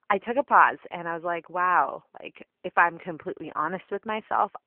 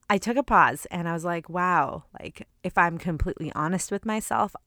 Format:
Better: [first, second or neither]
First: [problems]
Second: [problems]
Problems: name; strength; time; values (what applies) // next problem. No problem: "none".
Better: second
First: phone-call audio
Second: none